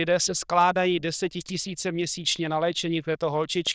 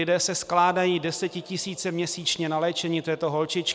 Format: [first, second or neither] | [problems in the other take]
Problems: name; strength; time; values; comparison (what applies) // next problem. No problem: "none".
second | noise reduction (neural diffusion model UNIVERSE++)